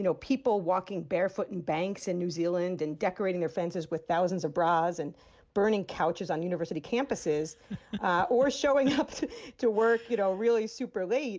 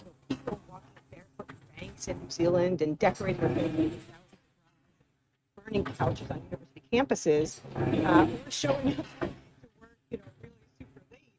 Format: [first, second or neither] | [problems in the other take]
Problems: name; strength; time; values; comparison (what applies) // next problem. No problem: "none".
first | noise reduction (neural mask model RNNoise)